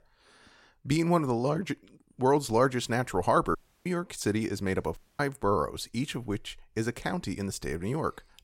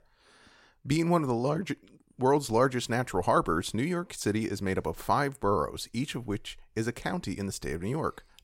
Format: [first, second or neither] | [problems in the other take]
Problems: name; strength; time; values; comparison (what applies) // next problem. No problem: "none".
second | audio cutting out; at 3.5 s and at 5 s